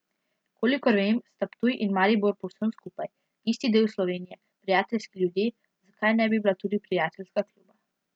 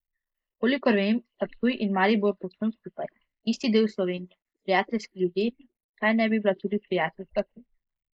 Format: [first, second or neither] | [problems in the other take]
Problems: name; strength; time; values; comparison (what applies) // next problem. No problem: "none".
first | noise reduction (neural mask model Resemble Enhance denoiser)